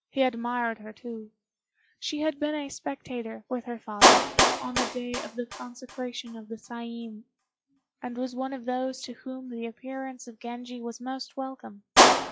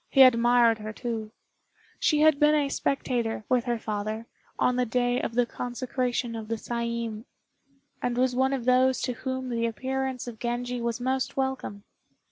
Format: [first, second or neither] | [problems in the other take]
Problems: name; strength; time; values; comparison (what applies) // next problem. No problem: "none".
second | noise reduction (classical method log-MMSE)